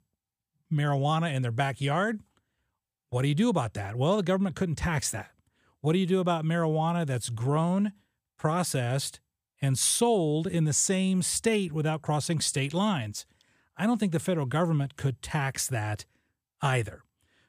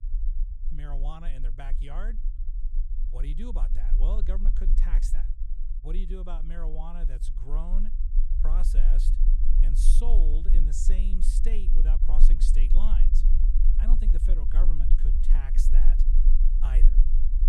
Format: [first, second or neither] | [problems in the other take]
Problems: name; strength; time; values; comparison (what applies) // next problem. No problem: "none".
first | low rumble; loud; throughout; 7 dB below the speech